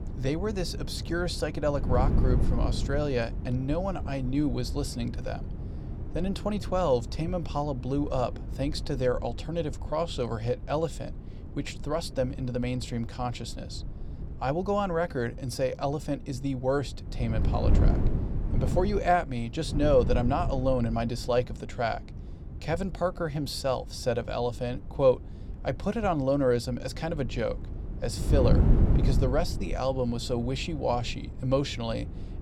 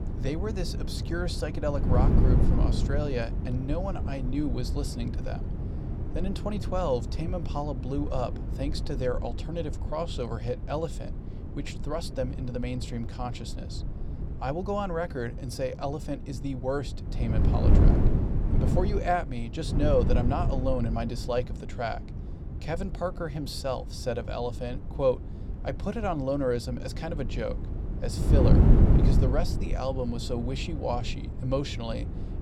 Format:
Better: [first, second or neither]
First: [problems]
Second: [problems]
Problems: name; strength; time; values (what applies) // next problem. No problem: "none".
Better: first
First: wind noise on the microphone; occasional gusts; 15 dB below the speech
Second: wind noise on the microphone; heavy; 7 dB below the speech